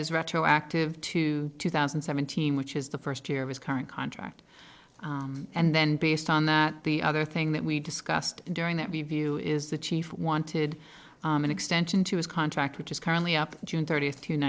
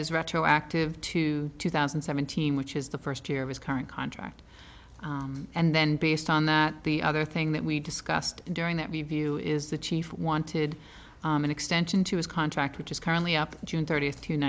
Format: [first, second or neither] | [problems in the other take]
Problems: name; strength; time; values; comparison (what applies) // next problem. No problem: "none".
second | noise reduction (neural separator model SepFormer DNS4)